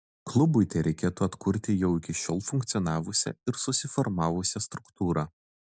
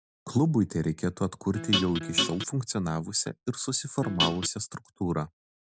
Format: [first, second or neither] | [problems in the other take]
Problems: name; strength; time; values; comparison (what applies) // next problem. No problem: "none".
first | background sound (Guitar); as loud as the speech